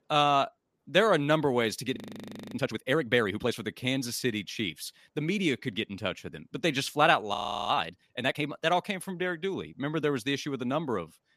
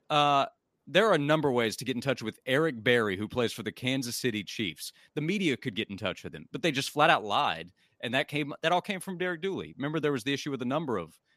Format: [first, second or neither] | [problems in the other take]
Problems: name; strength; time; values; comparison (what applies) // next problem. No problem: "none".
second | audio freezing; at 2 s for 0.5 s and at 7.5 s